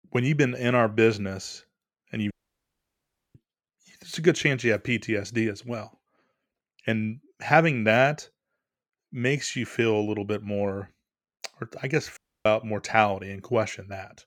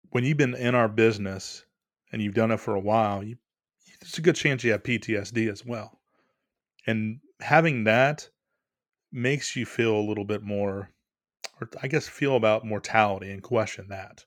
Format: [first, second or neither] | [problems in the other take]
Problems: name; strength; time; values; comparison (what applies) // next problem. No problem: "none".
second | audio cutting out; at 2.5 s for 1 s and at 12 s